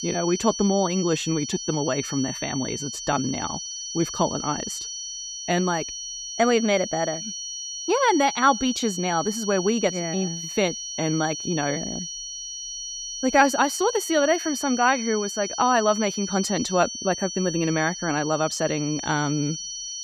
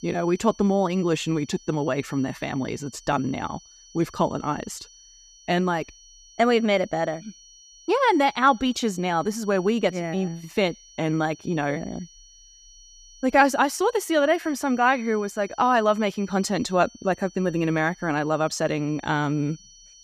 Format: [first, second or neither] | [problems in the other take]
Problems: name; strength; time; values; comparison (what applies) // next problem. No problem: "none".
second | high-pitched whine; loud; throughout; 6 kHz, 7 dB below the speech; faint in the second